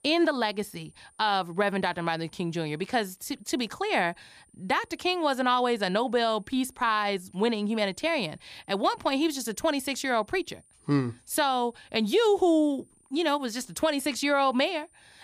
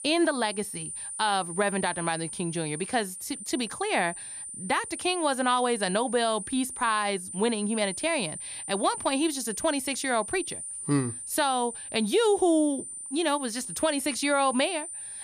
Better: first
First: high-pitched whine; faint; throughout; 9 kHz, 30 dB below the speech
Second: high-pitched whine; loud; throughout; 9 kHz, 8 dB below the speech

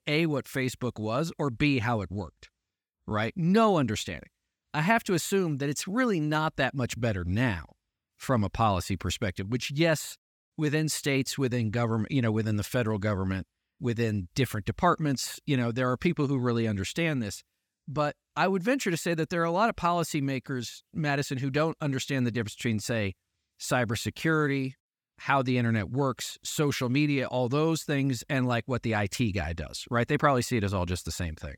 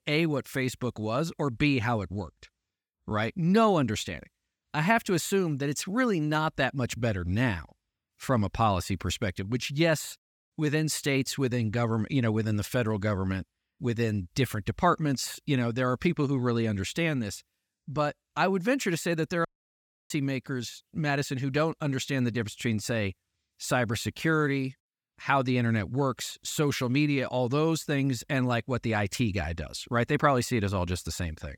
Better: first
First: none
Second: audio cutting out; at 19 s for 0.5 s

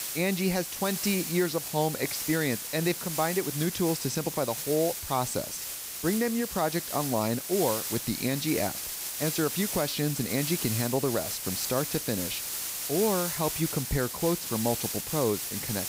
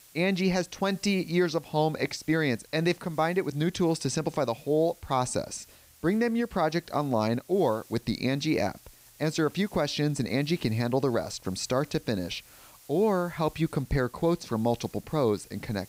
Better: second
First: hiss; loud; throughout; 3 dB below the speech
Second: hiss; faint; throughout; 25 dB below the speech

